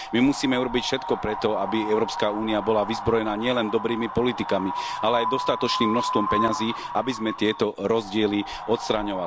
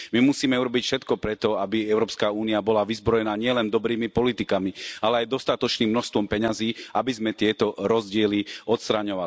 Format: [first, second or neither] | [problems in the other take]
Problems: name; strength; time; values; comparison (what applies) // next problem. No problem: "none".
second | background sound (Wind); 7 dB below the speech